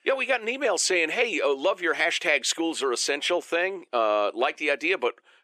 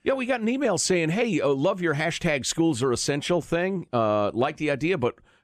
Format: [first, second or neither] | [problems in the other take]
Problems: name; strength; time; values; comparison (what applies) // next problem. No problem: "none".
second | thin; very; fading below 350 Hz